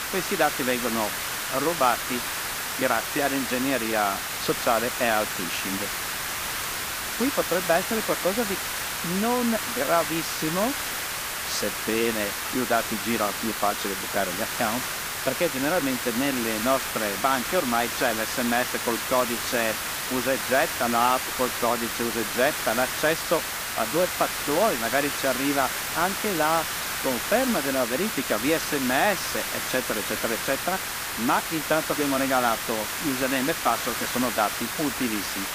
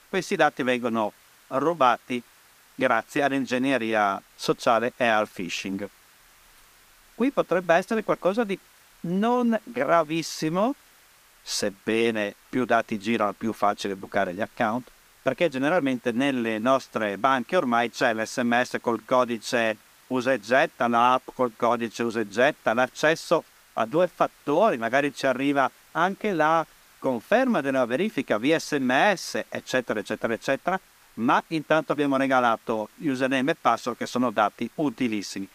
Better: second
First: hiss; loud; throughout; 1 dB below the speech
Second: hiss; faint; throughout; 30 dB below the speech

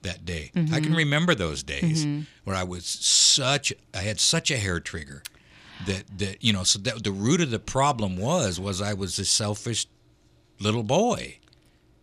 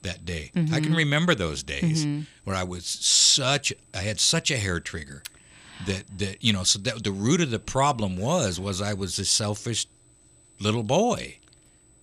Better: first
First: none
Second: high-pitched whine; faint; throughout; 8 kHz, 35 dB below the speech

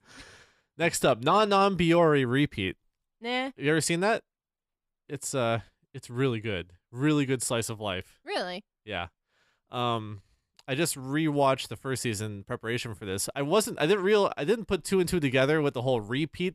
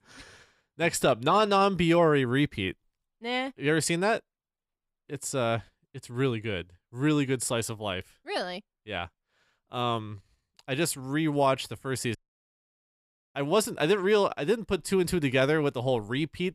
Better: first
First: none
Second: audio cutting out; at 12 s for 1 s

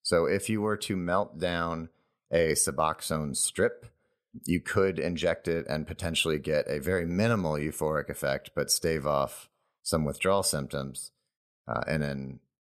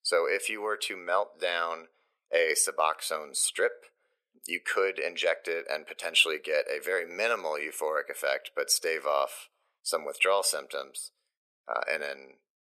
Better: first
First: none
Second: thin; very; fading below 450 Hz

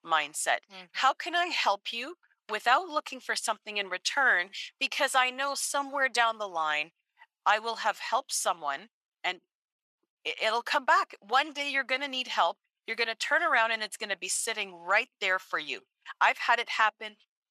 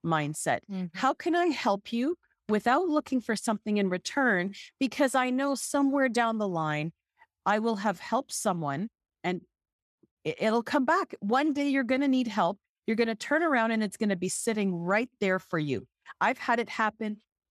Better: second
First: thin; very; fading below 950 Hz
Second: none

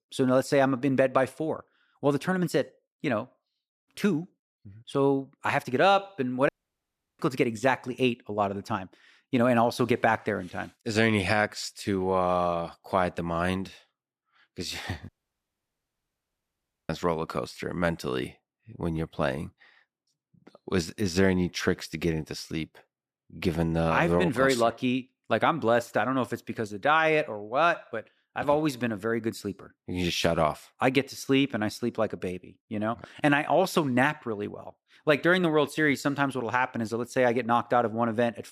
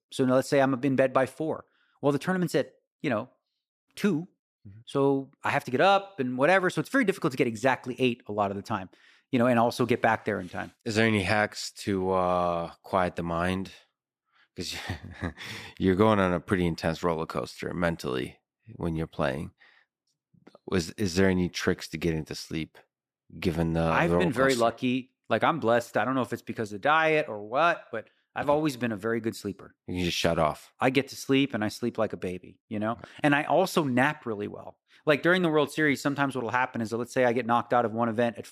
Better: second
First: audio cutting out; at 6.5 s for 0.5 s and at 15 s for 2 s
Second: none

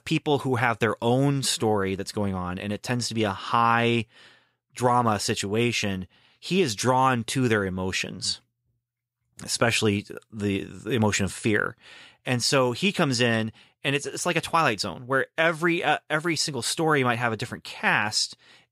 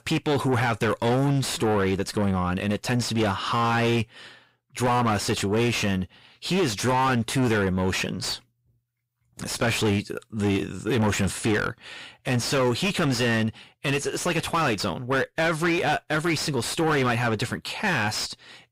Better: first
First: none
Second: distortion; heavy; 6 dB below the speech

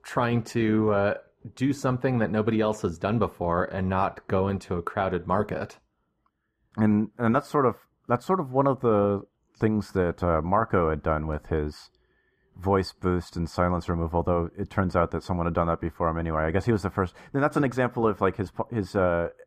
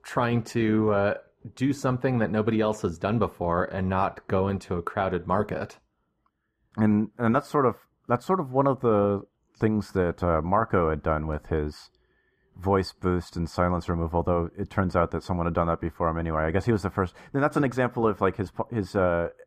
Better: neither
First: muffled; very; fading above 2.5 kHz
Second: muffled; very; fading above 2.5 kHz

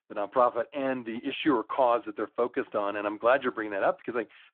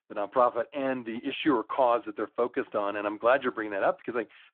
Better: neither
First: phone-call audio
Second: phone-call audio

